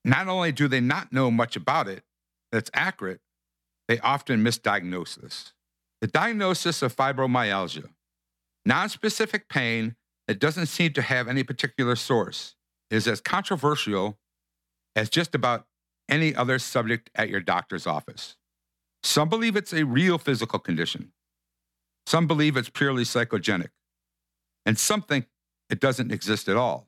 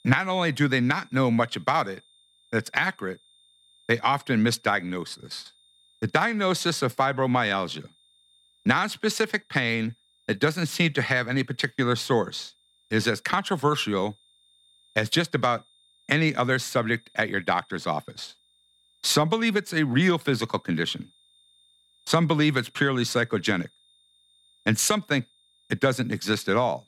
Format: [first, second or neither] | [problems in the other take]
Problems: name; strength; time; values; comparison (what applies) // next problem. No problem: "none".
first | high-pitched whine; faint; throughout; 3.5 kHz, 35 dB below the speech